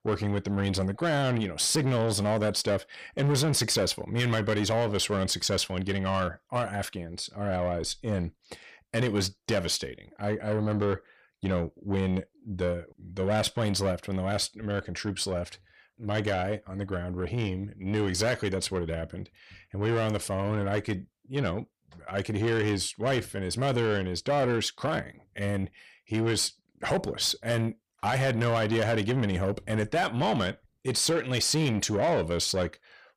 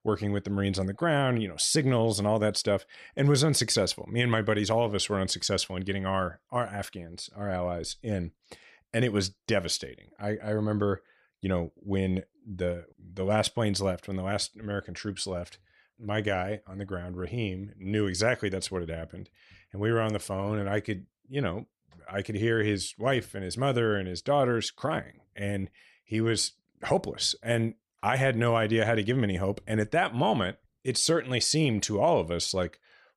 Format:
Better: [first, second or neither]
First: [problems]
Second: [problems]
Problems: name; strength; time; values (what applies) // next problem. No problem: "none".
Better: second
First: distortion; slight; 10 dB below the speech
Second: none